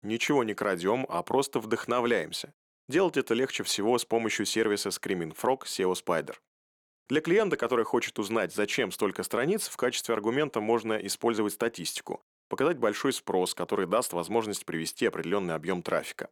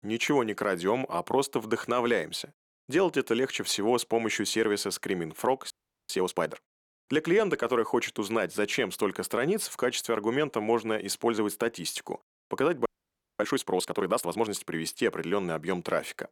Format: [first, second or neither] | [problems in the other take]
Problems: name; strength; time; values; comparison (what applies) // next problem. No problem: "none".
first | audio freezing; at 5.5 s and at 13 s for 0.5 s